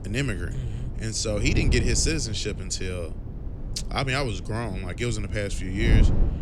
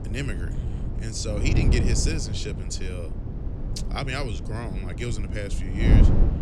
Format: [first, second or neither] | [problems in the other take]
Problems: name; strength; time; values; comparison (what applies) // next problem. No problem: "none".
first | wind noise on the microphone; heavy; 4 dB below the speech; occasional gusts in the first